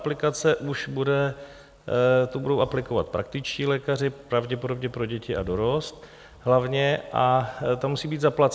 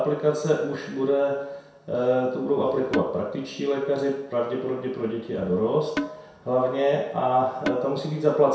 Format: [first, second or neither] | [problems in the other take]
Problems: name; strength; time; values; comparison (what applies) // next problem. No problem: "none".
first | background sound (Percussion); 8 dB below the speech // room echo; dies away in 0.7 s